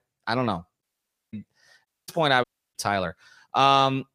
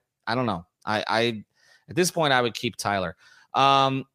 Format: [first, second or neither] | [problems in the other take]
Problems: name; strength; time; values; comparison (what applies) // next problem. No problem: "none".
second | audio cutting out; at 1 s for 0.5 s, at 2 s and at 2.5 s